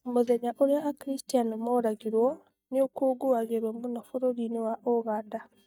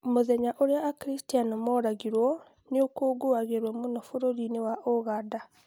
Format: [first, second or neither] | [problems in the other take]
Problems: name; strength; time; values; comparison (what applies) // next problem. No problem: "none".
second | noise reduction (neural mask model DeepFilterNet 3)